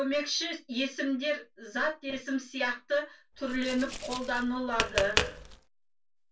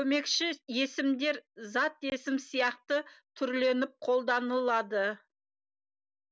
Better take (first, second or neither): second